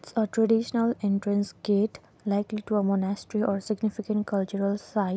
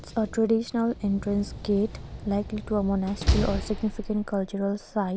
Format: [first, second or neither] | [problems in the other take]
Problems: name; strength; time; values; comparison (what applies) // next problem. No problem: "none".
first | background sound (Slam); 6 dB below the speech